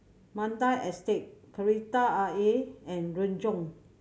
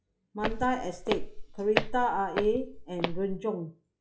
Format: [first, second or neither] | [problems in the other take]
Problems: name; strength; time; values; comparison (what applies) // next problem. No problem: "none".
first | noise reduction (classical method log-MMSE)